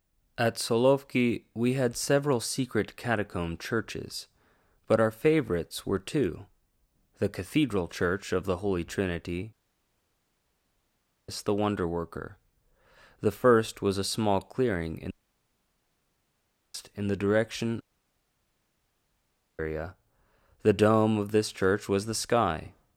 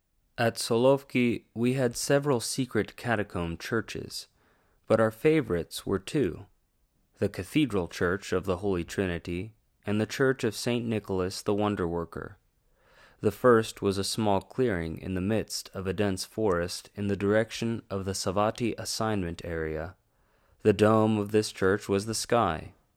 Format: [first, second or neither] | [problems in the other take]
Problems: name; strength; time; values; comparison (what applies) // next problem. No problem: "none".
second | audio cutting out; at 9.5 s for 2 s, at 15 s for 1.5 s and at 18 s for 2 s